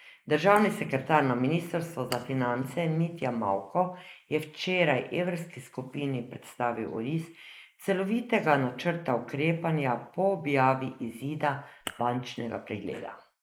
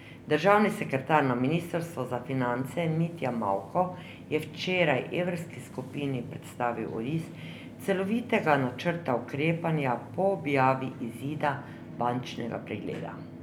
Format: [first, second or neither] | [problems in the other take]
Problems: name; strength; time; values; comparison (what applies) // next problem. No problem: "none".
second | noise reduction (neural mask model Resemble Enhance denoiser)